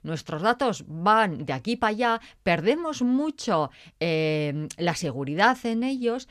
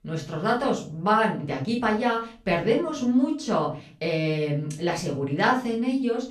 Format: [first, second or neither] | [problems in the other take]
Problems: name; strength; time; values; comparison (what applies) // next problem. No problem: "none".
first | off-mic speech; far // room echo; slight; dies away in 0.4 s